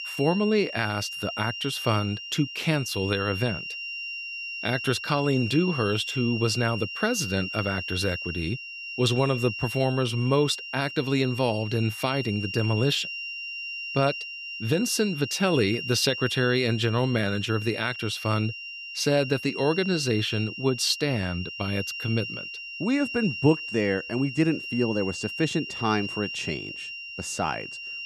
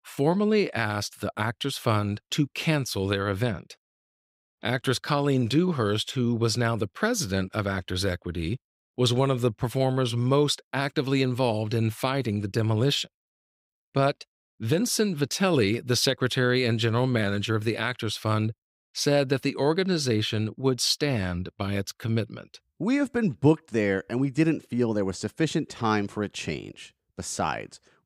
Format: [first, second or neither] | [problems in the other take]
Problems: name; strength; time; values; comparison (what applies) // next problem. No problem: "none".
second | high-pitched whine; loud; throughout; 3 kHz, 7 dB below the speech